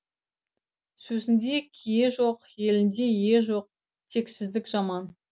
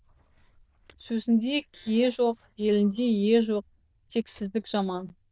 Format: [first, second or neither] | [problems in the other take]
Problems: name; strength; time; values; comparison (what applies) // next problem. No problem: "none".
first | noise reduction (neural diffusion model UNIVERSE++)